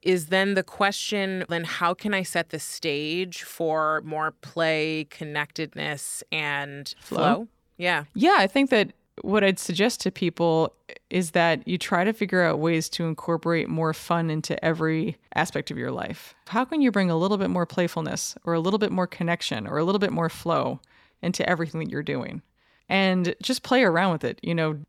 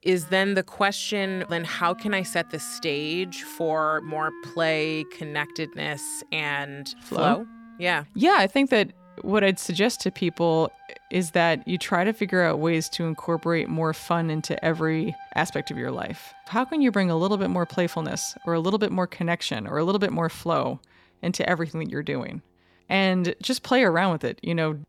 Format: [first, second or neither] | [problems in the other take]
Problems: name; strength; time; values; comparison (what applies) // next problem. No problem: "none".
first | background music; faint; throughout; 20 dB below the speech